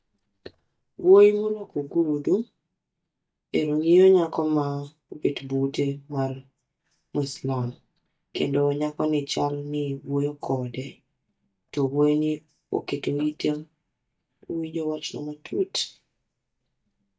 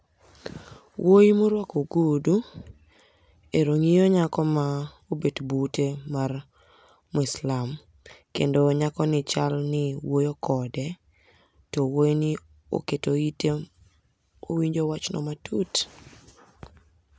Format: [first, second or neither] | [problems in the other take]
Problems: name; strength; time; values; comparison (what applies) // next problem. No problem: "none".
second | noise reduction (neural mask model DeepFilterNet 3)